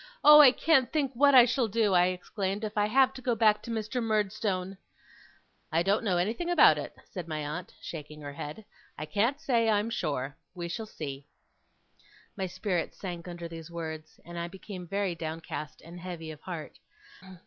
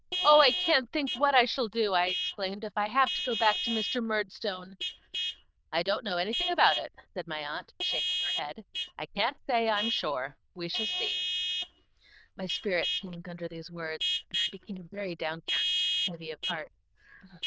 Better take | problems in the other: first | noise reduction (neural diffusion model UNIVERSE++)

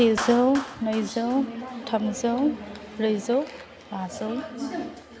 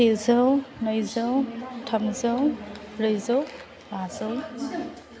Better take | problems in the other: second | background sound (Clapping); 15 dB below the speech

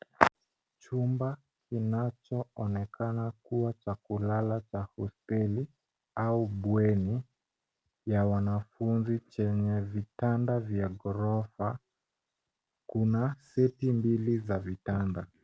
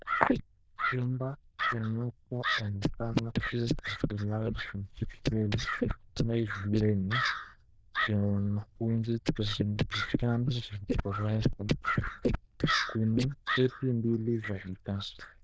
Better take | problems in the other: first | noise reduction (neural diffusion model UNIVERSE++)

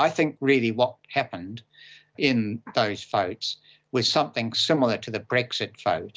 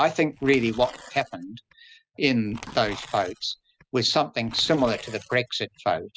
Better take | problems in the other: first | noise reduction (classical method spectral subtraction)

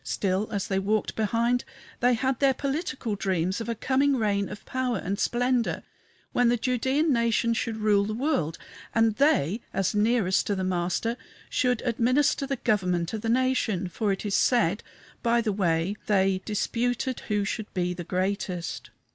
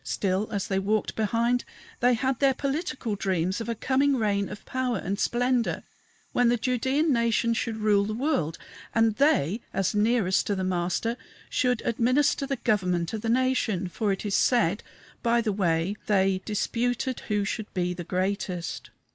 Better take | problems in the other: first | noise reduction (neural mask model Resemble Enhance denoiser)

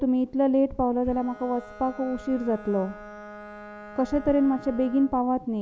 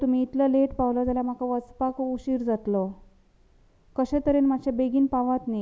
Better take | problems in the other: second | background sound (Bowed string instrument); 18 dB below the speech

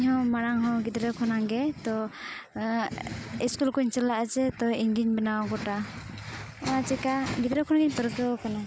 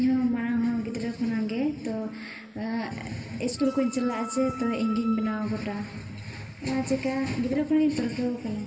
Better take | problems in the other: first | background sound (Wind instrument, woodwind instrument); 12 dB below the speech // room echo; dies away in 1.8 s

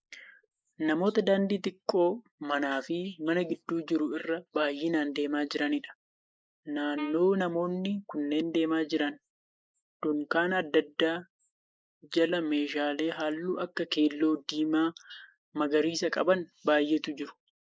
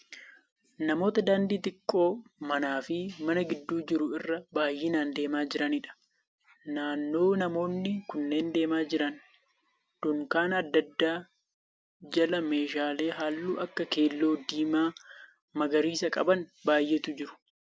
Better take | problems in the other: second | noise reduction (neural mask model Resemble Enhance denoiser)

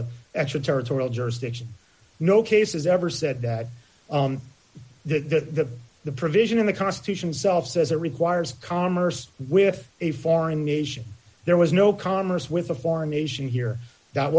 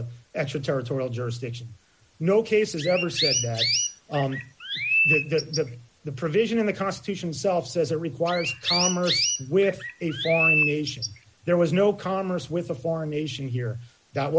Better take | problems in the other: first | background sound (Chirp, tweet); 1 dB below the speech

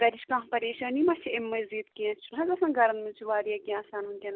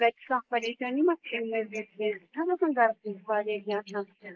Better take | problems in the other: first | noise reduction (neural mask model Resemble Enhance denoiser)

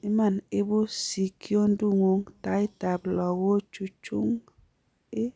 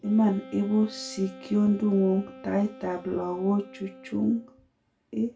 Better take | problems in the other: first | background sound (Wind instrument, woodwind instrument); 19 dB below the speech // room echo; dies away in 0.2 s

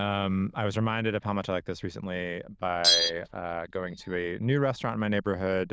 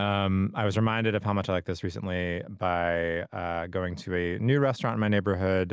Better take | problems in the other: second | noise reduction (neural diffusion model UNIVERSE++)

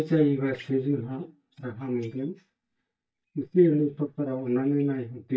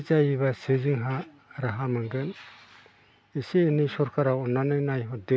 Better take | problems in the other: second | noise reduction (neural mask model DeepFilterNet 3)

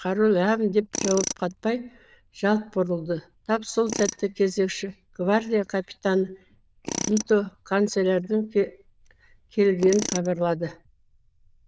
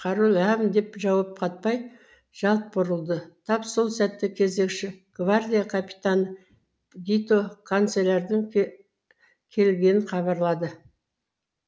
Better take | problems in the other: second | noise reduction (neural diffusion model UNIVERSE++)

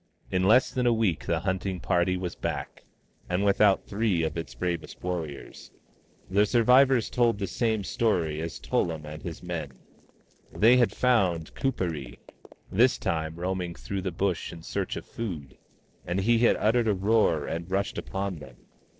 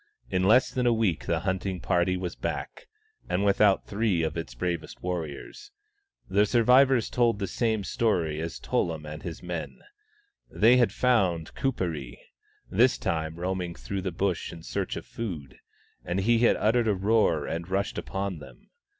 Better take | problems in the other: second | noise reduction (neural separator model SepFormer DNS4)

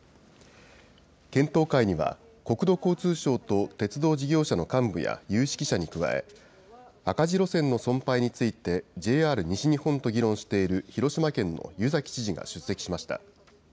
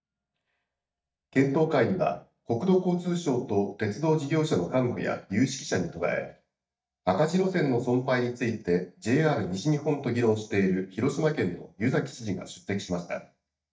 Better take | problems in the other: first | noise reduction (neural mask model DeepFilterNet 3)

